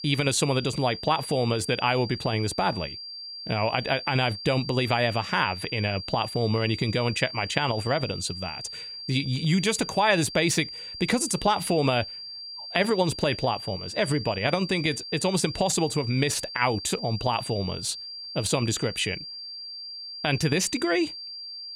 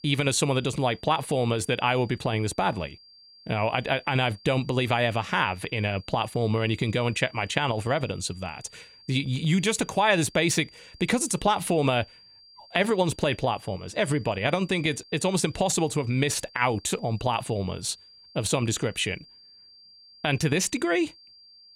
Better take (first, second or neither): second